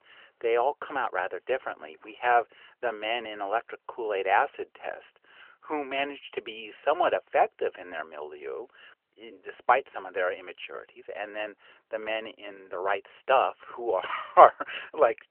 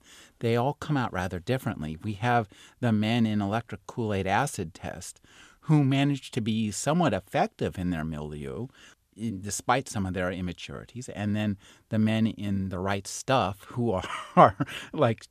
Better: second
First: phone-call audio; nothing above 3 kHz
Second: none

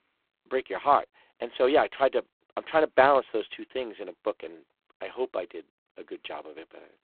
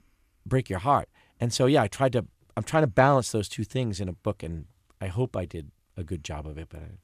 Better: second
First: phone-call audio; poor line; nothing above 4 kHz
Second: none

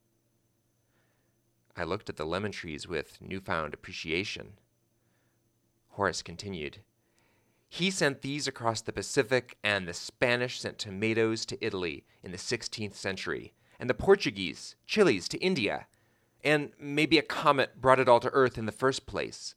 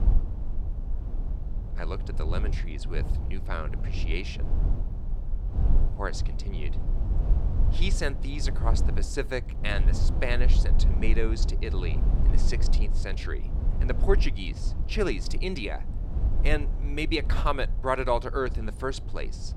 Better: first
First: none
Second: low rumble; noticeable; throughout; 10 dB below the speech

